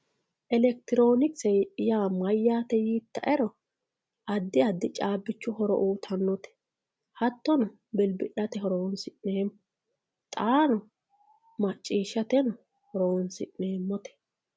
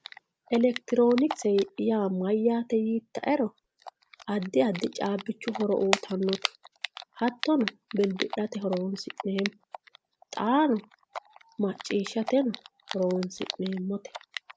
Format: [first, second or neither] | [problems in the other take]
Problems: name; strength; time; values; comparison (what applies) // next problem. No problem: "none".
first | background sound (Typing); 12 dB below the speech